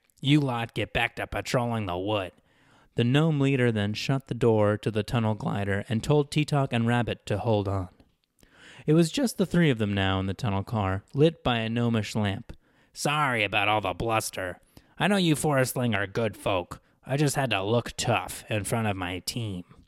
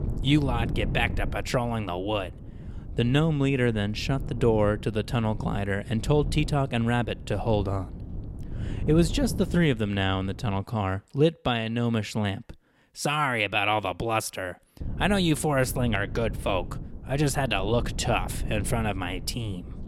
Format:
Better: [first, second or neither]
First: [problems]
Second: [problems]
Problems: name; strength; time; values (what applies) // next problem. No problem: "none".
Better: first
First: none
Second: wind noise on the microphone; occasional gusts; until 11 s and from 15 s on; 20 dB below the speech